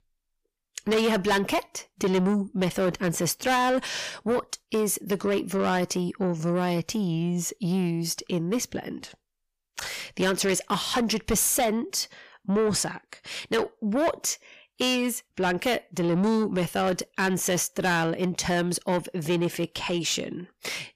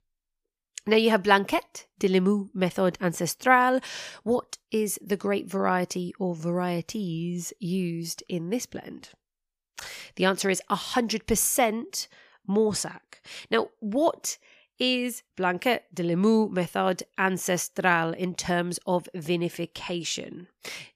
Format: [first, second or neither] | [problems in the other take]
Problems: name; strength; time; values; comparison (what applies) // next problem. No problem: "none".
second | distortion; heavy; 7 dB below the speech